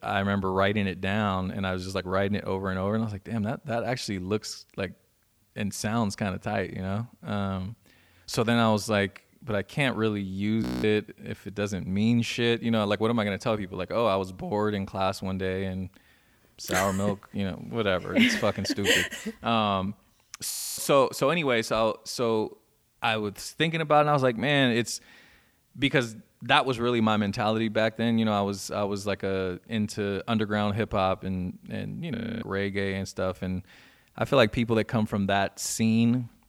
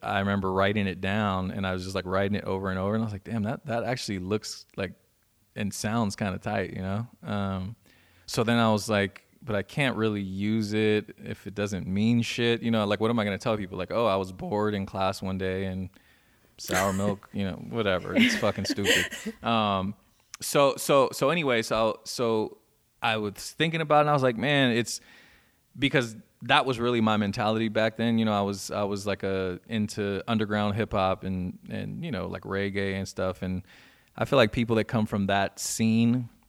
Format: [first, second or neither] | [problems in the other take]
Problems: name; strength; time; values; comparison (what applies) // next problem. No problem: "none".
second | audio freezing; at 11 s, at 21 s and at 32 s